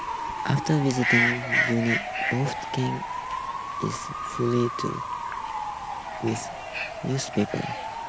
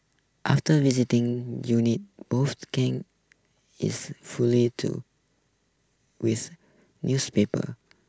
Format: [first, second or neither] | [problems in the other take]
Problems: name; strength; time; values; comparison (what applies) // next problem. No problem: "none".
second | background sound (Bird / Fowl); 1 dB below the speech